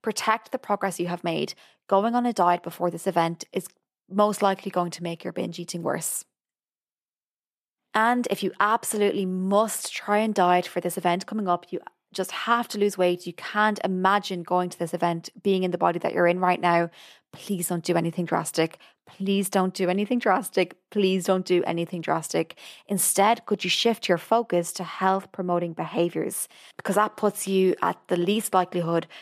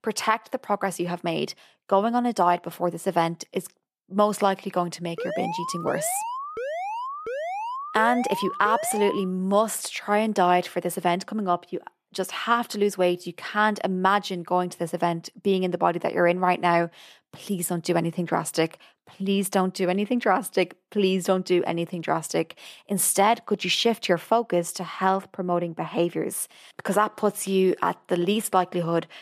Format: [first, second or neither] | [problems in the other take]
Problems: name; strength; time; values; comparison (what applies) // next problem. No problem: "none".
first | alarm; noticeable; from 5 to 9.5 s; peak 5 dB below the speech